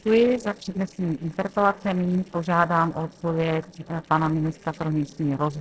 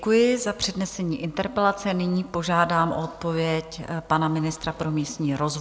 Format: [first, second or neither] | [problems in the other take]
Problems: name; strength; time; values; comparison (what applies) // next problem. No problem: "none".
second | noise reduction (neural separator model SepFormer DNS4)